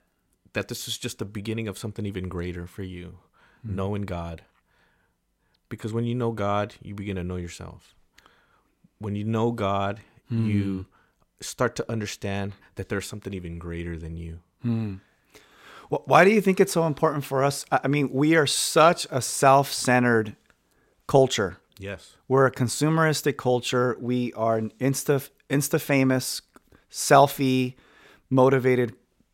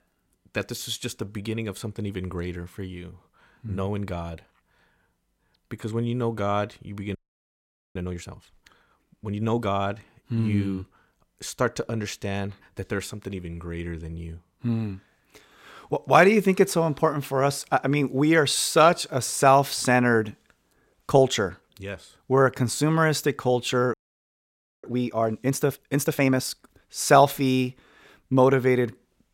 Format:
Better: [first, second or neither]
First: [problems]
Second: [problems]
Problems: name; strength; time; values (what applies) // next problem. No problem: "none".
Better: first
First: none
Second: audio freezing; at 7 s for 1 s and at 24 s for 1 s